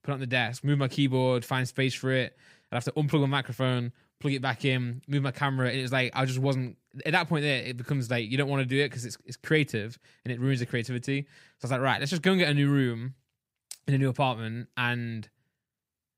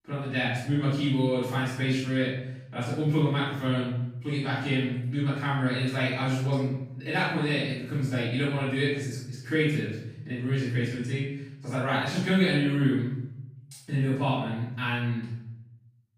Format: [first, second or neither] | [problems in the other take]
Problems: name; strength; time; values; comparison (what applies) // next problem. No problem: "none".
first | off-mic speech; far // room echo; noticeable; dies away in 0.8 s